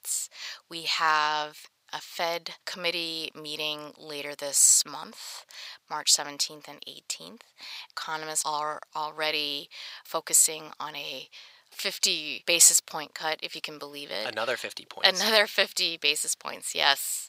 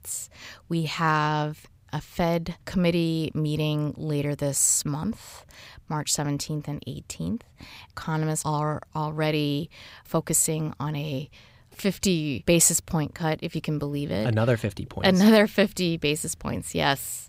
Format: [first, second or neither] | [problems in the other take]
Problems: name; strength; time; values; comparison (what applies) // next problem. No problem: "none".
second | thin; very; fading below 750 Hz